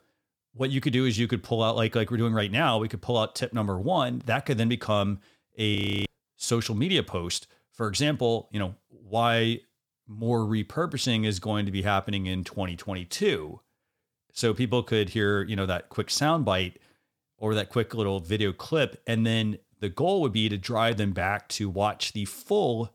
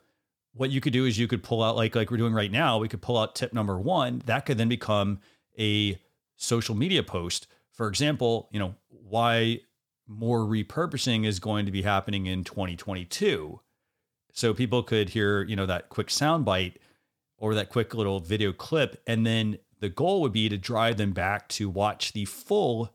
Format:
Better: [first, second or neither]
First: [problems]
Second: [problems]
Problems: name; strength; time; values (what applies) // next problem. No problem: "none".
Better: second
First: audio freezing; at 6 s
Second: none